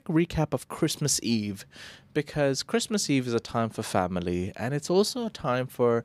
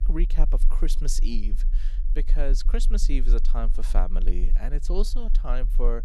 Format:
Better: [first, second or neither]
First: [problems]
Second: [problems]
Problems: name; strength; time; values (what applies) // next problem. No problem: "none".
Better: first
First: none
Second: low rumble; noticeable; throughout; 15 dB below the speech